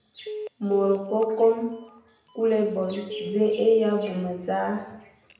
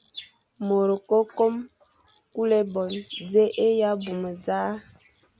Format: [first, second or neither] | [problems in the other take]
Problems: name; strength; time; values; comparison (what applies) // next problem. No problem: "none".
second | background sound (Telephone); 12 dB below the speech // room echo; dies away in 0.7 s